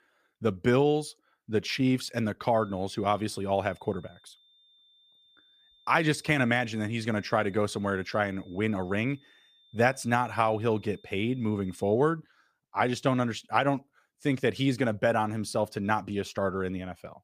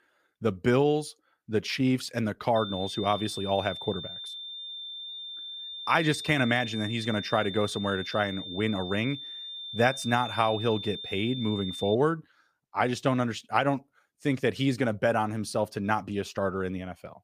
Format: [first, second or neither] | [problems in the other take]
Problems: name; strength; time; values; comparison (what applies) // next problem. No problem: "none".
first | high-pitched whine; loud; from 2.5 to 12 s; 3.5 kHz, 8 dB below the speech; faint in the first